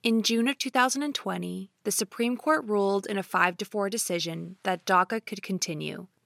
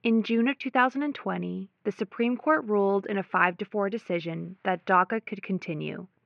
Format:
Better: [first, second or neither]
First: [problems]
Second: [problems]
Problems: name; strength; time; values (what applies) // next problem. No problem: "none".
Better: first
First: none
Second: muffled; very; fading above 2.5 kHz